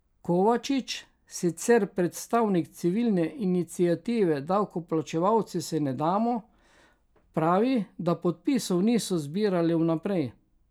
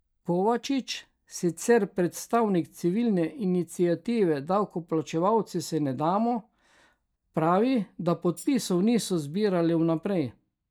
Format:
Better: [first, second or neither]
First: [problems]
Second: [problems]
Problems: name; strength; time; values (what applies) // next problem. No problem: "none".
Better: first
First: none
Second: noise reduction (neural mask model DeepFilterNet 3)